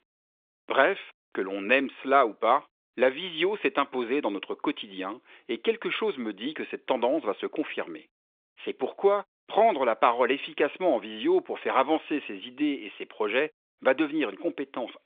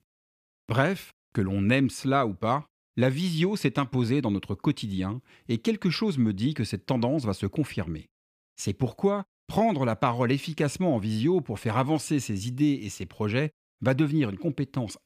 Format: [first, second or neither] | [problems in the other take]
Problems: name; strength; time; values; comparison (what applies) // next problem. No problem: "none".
second | phone-call audio